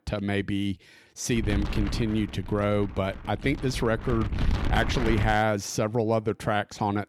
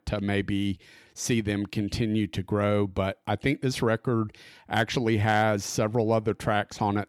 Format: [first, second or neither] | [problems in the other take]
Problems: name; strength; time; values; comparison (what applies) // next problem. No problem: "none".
second | wind noise on the microphone; occasional gusts; from 1.5 to 5.5 s; 10 dB below the speech